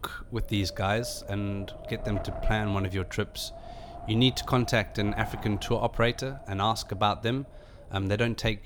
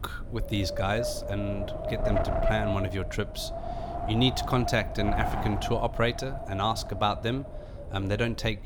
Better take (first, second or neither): first